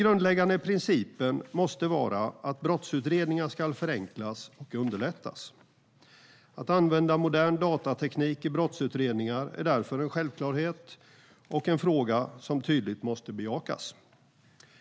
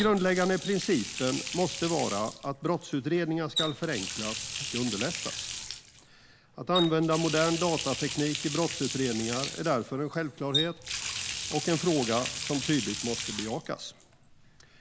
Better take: first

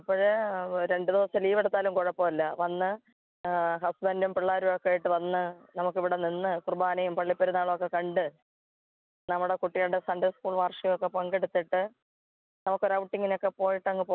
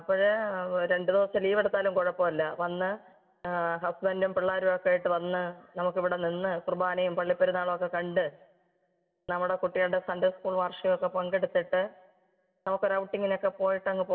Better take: first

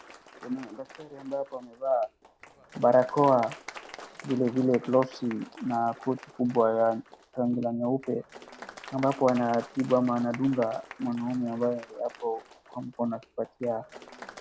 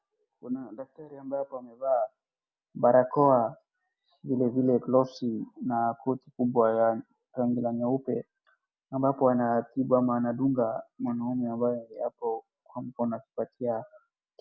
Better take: second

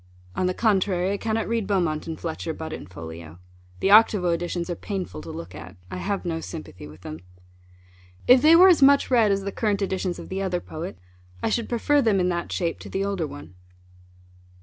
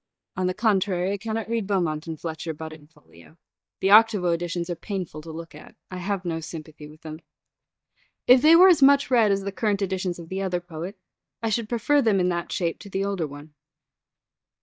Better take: first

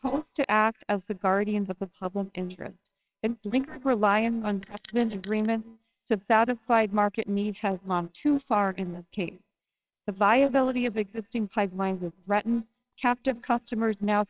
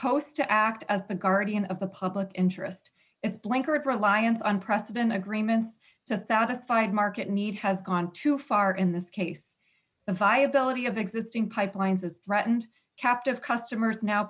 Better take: second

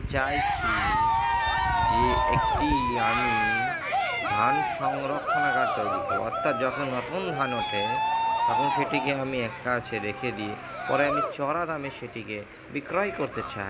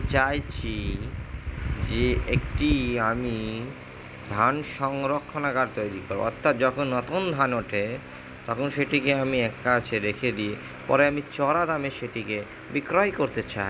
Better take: second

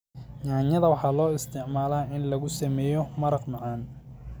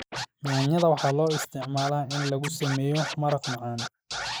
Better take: first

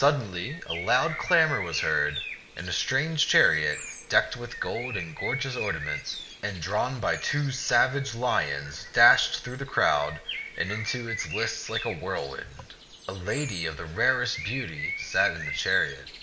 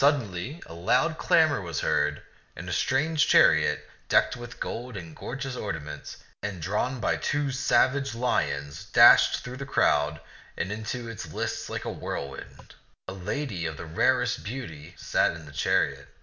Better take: second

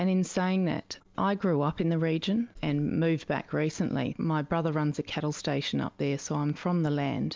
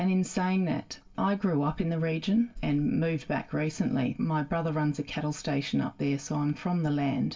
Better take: first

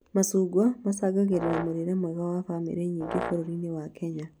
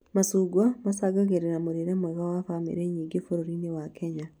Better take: second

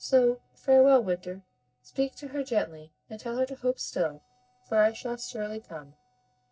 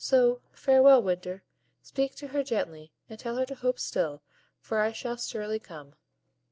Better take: second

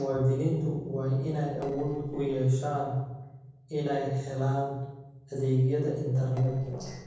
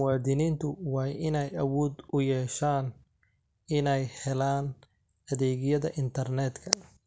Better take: second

